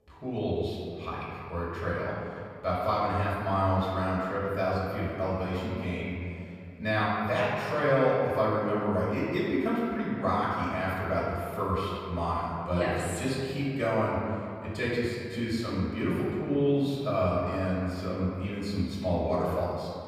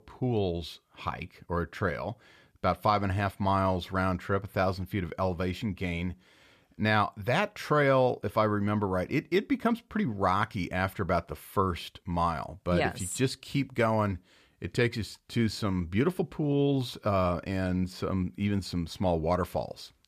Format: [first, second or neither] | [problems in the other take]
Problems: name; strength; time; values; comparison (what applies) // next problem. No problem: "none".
second | off-mic speech; far // room echo; strong; dies away in 2.2 s